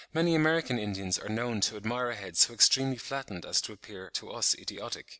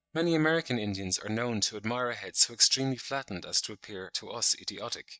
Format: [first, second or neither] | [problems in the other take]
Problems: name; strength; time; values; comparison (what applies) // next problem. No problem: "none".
first | noise reduction (neural mask model DeepFilterNet 3)